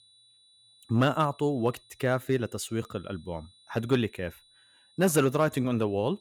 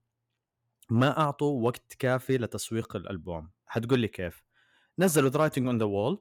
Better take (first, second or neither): second